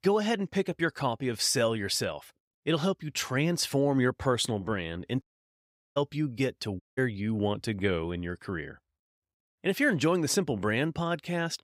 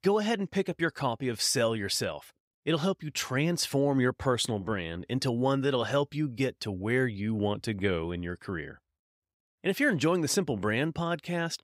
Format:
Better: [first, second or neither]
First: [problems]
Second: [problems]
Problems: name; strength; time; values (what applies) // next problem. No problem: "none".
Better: second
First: audio cutting out; at 5 s for 0.5 s and at 7 s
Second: none